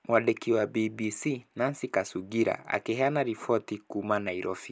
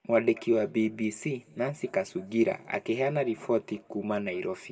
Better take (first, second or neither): first